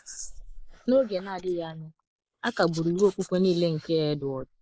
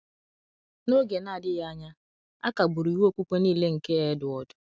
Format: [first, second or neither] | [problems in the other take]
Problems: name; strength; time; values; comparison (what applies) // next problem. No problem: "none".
second | noise reduction (neural mask model Resemble Enhance denoiser)